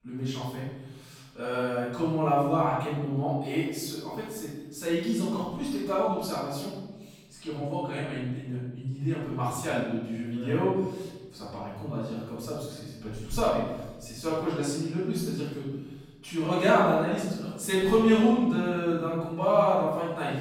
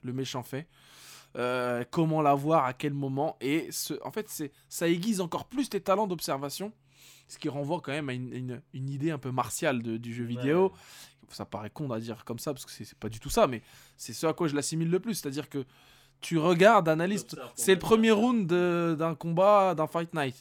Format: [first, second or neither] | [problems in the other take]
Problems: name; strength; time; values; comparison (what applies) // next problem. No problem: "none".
second | room echo; strong; dies away in 1.1 s // off-mic speech; far